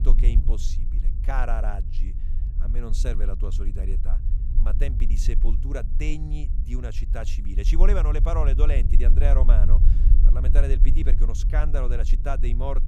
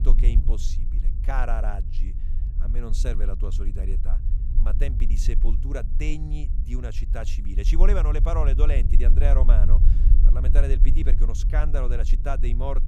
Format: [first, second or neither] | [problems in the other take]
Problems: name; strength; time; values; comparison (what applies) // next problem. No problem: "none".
neither | low rumble; noticeable; throughout; 10 dB below the speech; the same in both